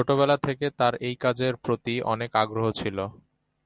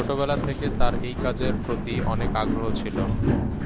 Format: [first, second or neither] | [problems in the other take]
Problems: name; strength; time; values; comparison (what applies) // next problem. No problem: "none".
first | background sound (Walk, footsteps); 5 dB above the speech